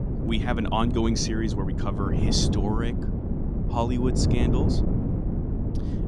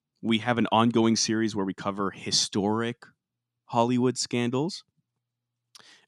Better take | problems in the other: second | wind noise on the microphone; heavy; 5 dB below the speech

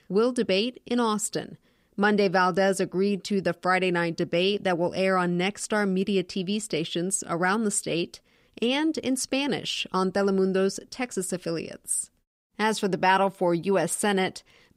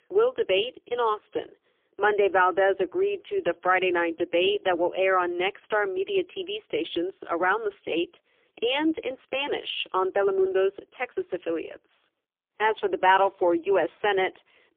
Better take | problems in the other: first | phone-call audio; poor line; nothing above 3.5 kHz

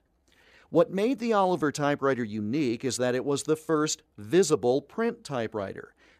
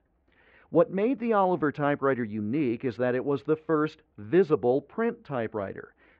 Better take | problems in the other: first | muffled; very; fading above 2.5 kHz

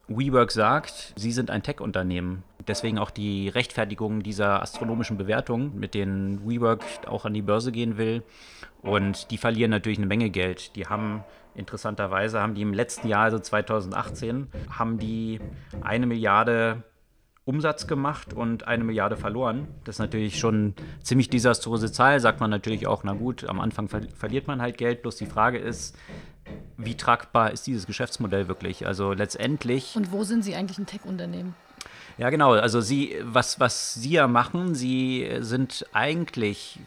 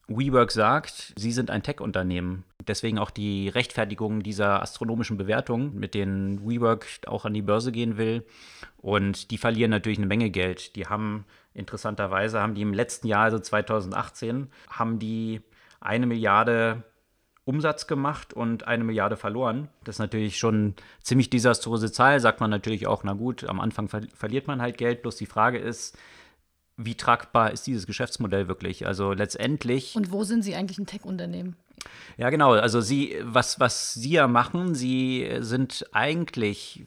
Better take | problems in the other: second | machinery noise; noticeable; throughout; 20 dB below the speech

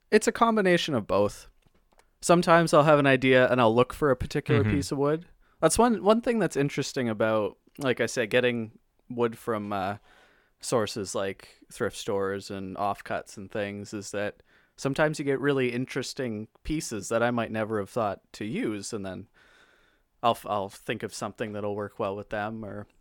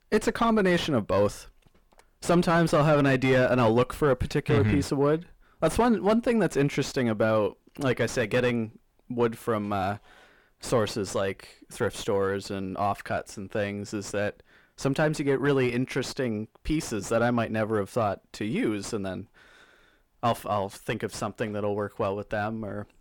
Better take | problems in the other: first | distortion; heavy; 7 dB below the speech

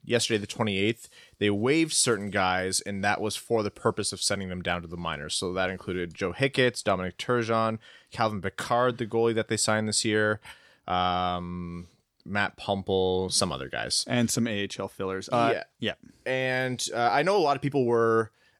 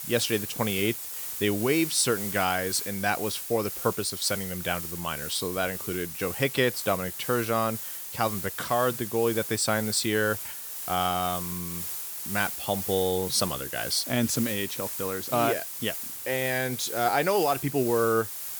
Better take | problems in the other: first | hiss; loud; throughout; 5 dB below the speech

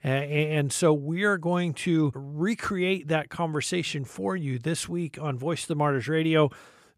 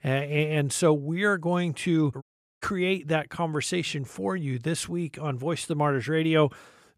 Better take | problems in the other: first | audio cutting out; at 2 s

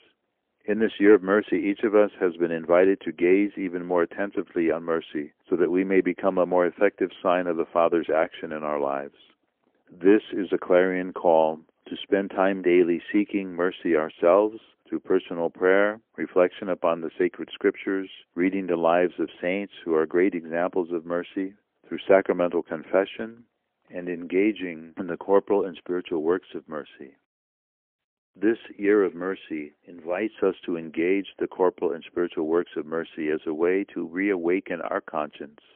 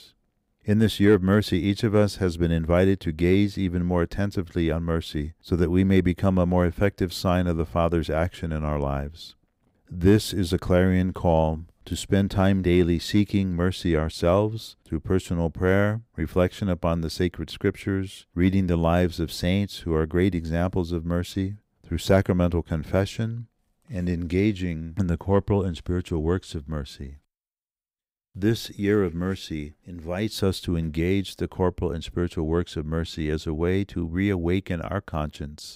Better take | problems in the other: second | phone-call audio; poor line; nothing above 3.5 kHz

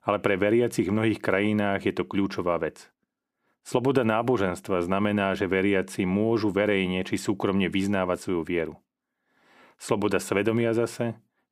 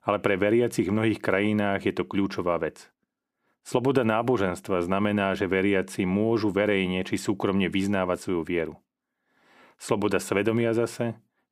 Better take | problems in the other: neither | none

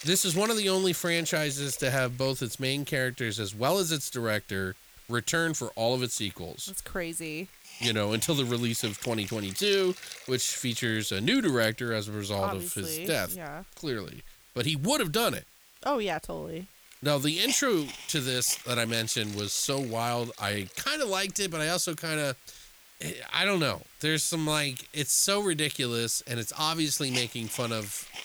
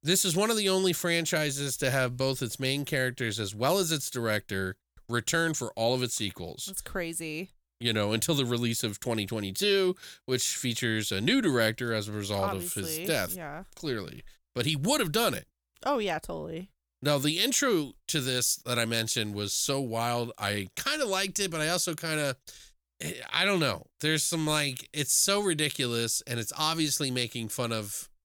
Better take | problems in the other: second | hiss; noticeable; throughout; 15 dB below the speech

